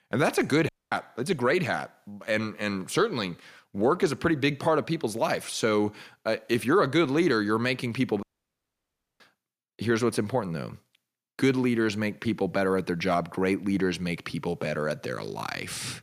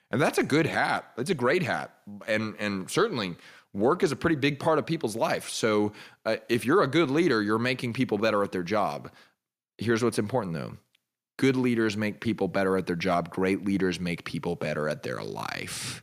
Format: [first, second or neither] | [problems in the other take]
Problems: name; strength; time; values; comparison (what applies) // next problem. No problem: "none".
second | audio cutting out; at 0.5 s and at 8 s for 1 s